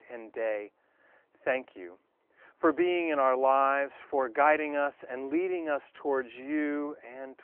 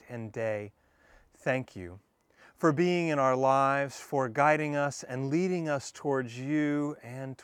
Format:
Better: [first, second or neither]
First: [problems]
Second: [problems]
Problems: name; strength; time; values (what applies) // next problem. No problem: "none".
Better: second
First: phone-call audio; nothing above 3 kHz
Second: none